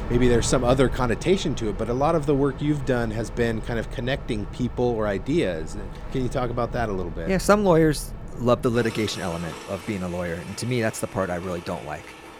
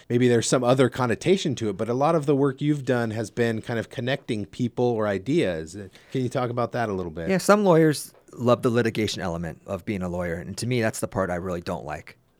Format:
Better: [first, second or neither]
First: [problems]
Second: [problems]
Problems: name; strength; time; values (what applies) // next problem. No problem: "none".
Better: second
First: train or aircraft noise; noticeable; throughout; 15 dB below the speech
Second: none